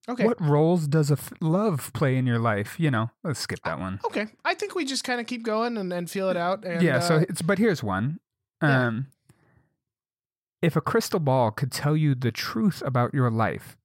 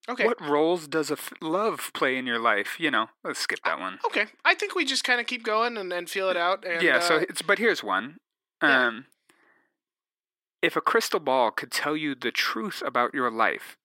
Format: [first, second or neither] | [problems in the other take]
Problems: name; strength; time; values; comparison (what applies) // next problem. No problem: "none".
first | thin; somewhat; fading below 300 Hz